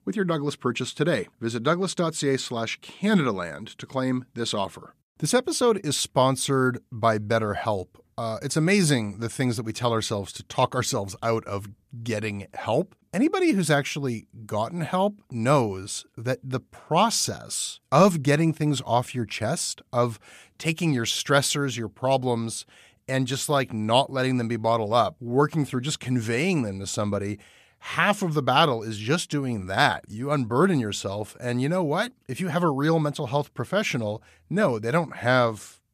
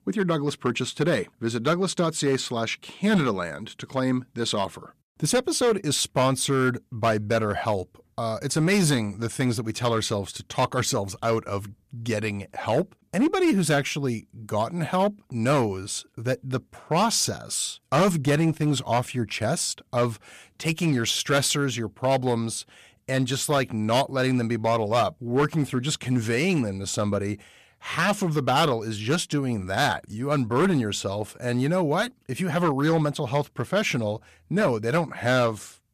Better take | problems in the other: first | distortion; slight; 4% of the sound clipped

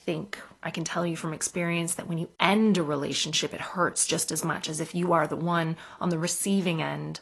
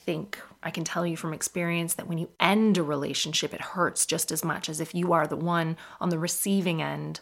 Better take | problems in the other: second | garbled, watery; slightly; nothing above 11.5 kHz

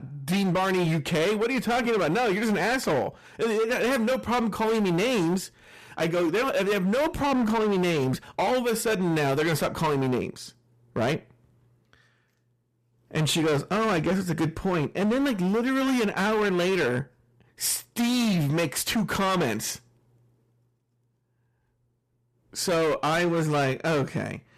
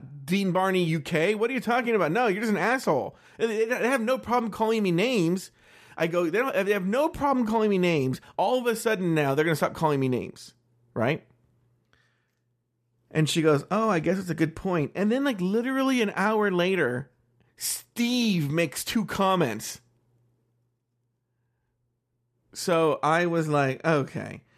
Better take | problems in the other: second | distortion; heavy; 21% of the sound clipped

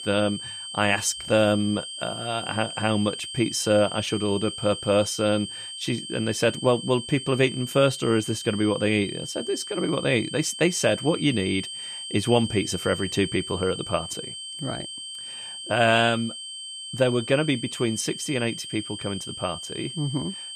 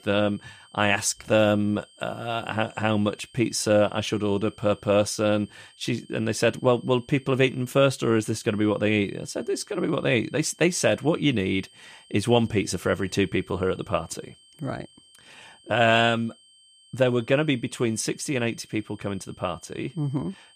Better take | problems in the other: second | high-pitched whine; loud; throughout; 3 kHz, 9 dB below the speech; faint in the second

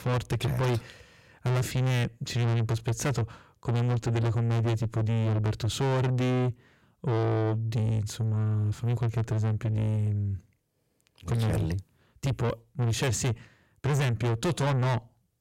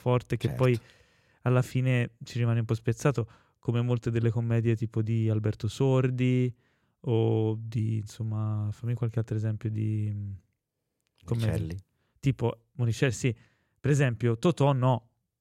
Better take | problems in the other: second | distortion; heavy; 5 dB below the speech

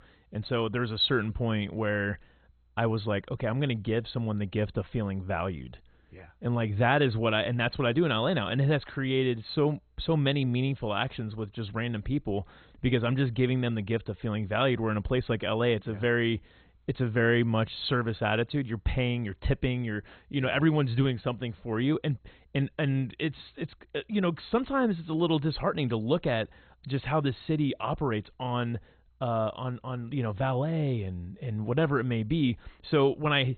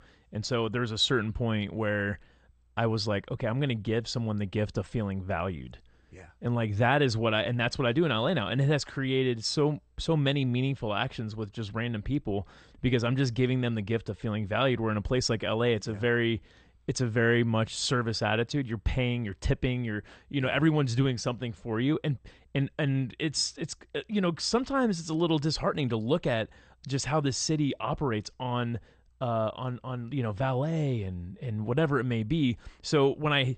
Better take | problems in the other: second | garbled, watery; badly; nothing above 4 kHz; slightly in the second

